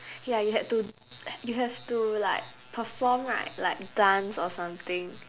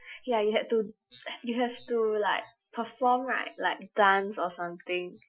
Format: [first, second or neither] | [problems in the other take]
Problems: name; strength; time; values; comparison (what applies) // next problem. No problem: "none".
first | noise reduction (classical method Wiener filter)